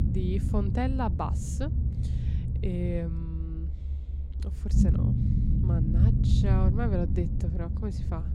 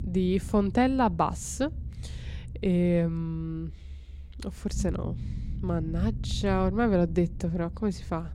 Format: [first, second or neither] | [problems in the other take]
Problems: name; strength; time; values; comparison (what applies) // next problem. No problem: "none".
second | low rumble; loud; throughout; 3 dB below the speech; faint in the second